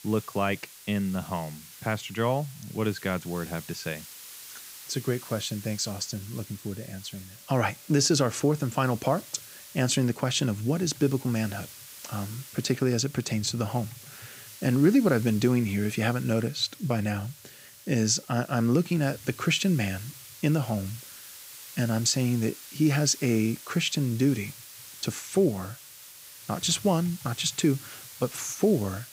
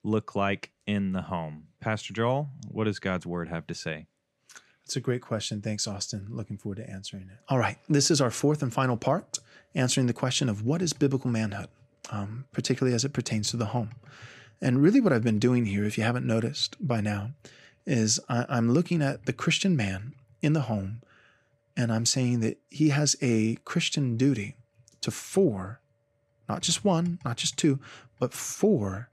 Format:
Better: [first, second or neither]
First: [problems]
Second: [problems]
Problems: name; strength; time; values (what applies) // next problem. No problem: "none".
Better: second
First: hiss; noticeable; throughout; 15 dB below the speech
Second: none